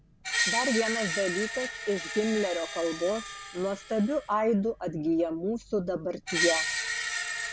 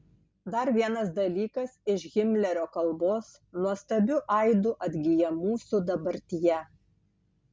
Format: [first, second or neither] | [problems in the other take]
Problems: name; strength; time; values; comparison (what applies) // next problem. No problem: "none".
second | background sound (Screech); 4 dB below the speech